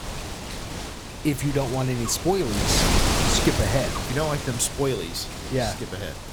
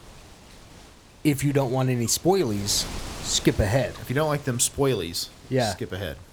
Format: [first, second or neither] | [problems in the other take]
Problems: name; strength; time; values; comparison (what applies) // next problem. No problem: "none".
second | wind noise on the microphone; heavy; 1 dB below the speech; occasional gusts in the second